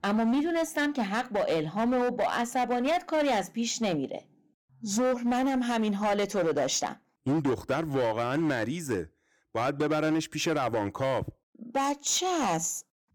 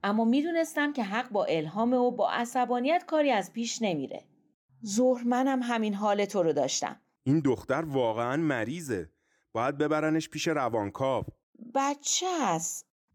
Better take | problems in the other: second | distortion; slight; 14% of the sound clipped

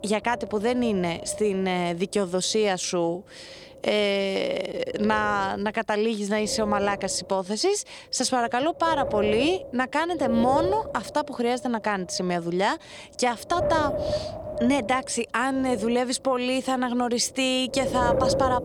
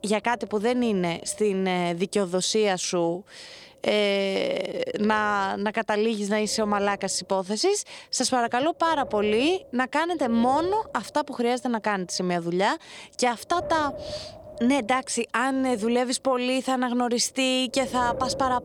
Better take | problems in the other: second | wind noise on the microphone; heavy; 6 dB below the speech; occasional gusts in the second

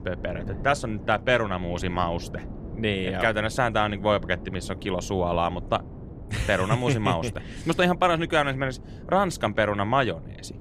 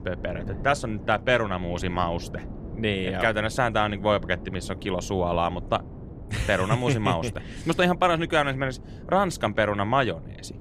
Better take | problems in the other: neither | wind noise on the microphone; occasional gusts; 20 dB below the speech; the same in both

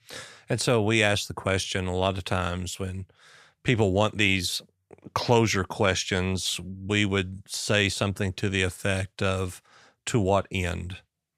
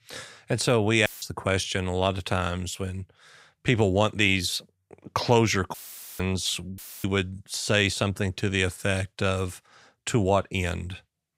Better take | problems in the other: first | audio cutting out; filled with static; at 1 s, at 5.5 s and at 7 s

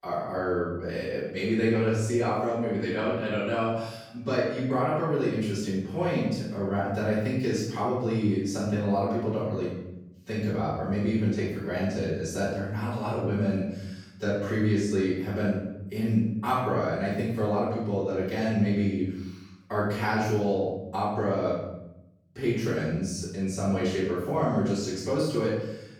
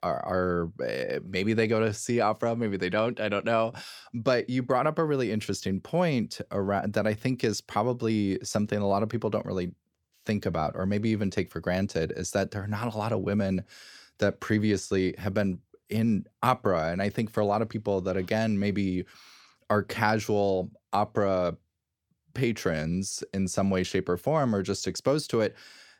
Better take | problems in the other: second | off-mic speech; far // room echo; strong; dies away in 0.8 s

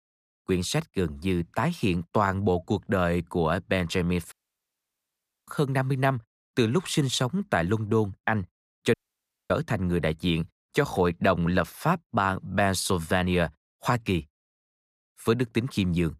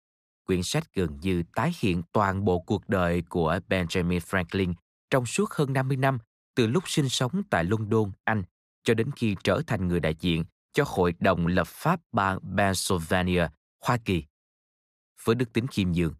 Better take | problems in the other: second | audio cutting out; at 4.5 s for 1 s and at 9 s for 0.5 s

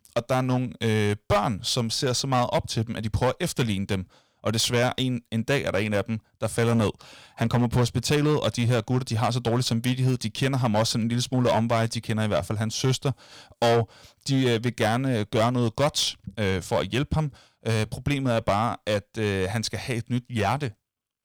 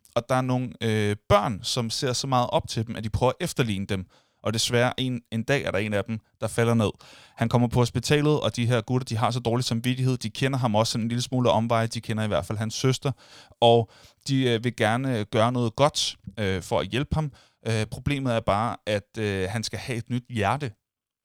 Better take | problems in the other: second | distortion; slight; 6% of the sound clipped

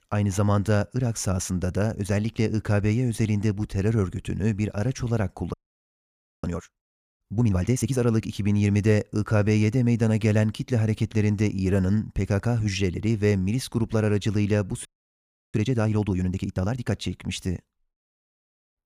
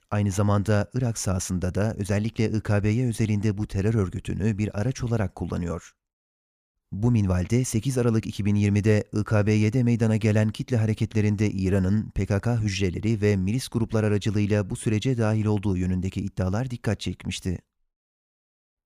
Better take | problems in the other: second | audio freezing; at 5.5 s for 1 s and at 15 s for 0.5 s

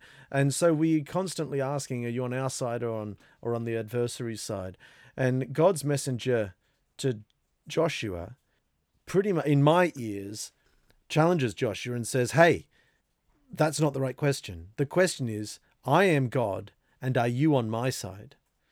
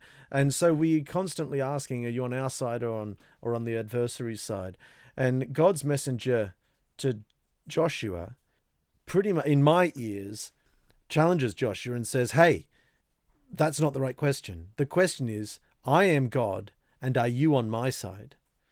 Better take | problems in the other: first | garbled, watery; slightly

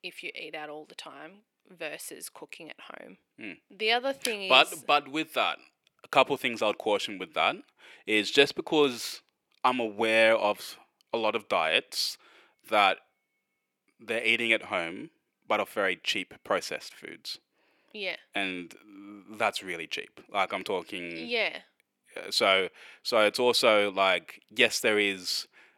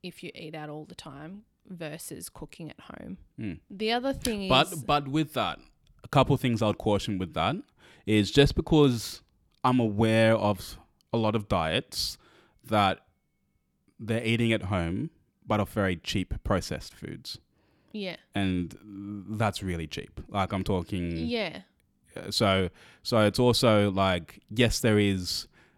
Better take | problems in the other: second | thin; somewhat; fading below 450 Hz

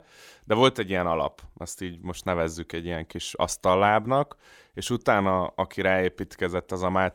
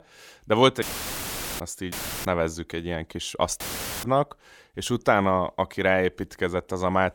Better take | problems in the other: first | audio cutting out; filled with static; at 1 s for 1 s, at 2 s and at 3.5 s

